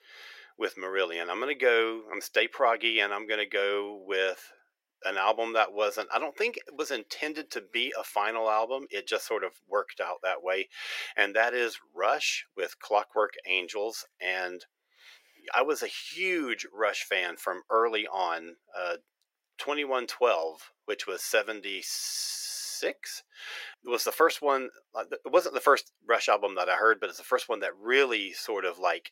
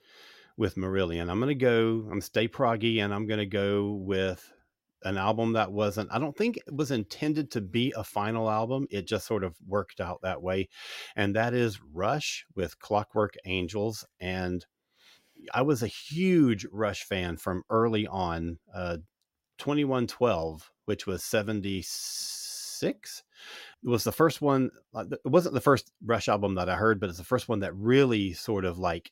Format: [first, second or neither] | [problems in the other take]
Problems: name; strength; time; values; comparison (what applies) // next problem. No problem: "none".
second | thin; very; fading below 450 Hz